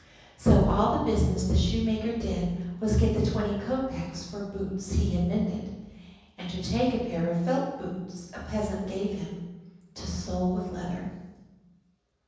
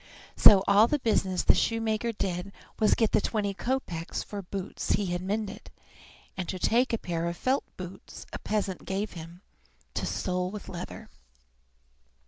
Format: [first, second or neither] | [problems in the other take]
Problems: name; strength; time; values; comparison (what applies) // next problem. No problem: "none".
second | room echo; dies away in 1.1 s